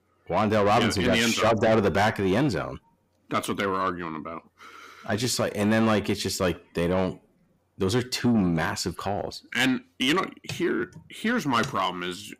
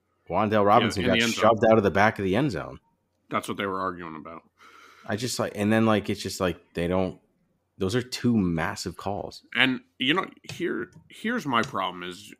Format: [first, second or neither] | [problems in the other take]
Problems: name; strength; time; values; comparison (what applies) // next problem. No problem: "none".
second | distortion; heavy; 8 dB below the speech